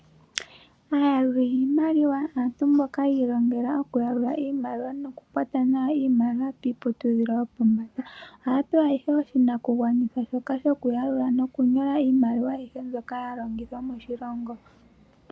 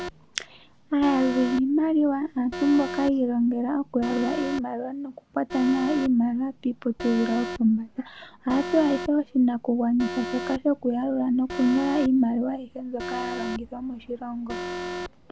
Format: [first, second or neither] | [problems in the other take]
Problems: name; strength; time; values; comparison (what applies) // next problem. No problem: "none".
first | background sound (Alarm); 11 dB below the speech